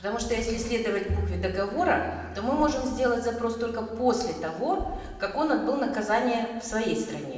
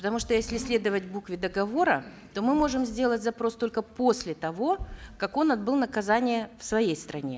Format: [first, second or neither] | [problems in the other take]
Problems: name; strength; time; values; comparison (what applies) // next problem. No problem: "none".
second | background sound (Bowed string instrument); 9 dB below the speech // room echo; dies away in 1.3 s